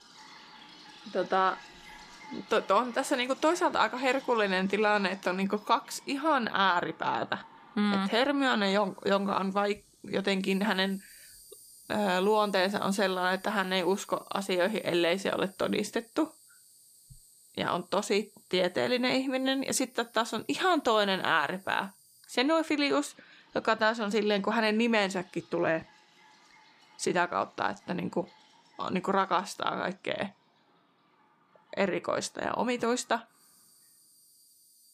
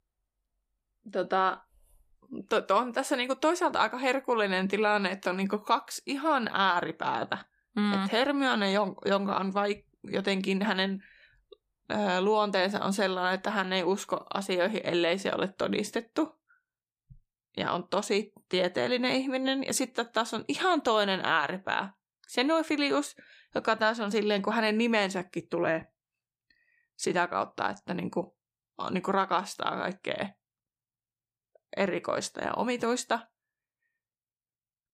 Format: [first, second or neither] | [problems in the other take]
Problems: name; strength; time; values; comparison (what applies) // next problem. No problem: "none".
second | animal sounds; faint; throughout; 25 dB below the speech